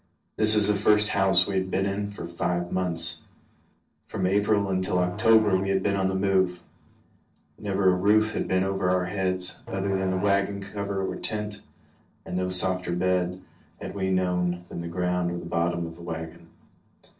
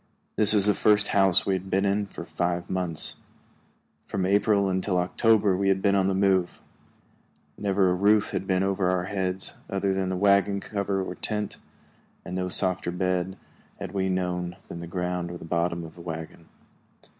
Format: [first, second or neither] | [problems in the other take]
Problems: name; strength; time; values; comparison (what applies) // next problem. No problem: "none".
second | noise reduction (neural separator model SepFormer DNS4)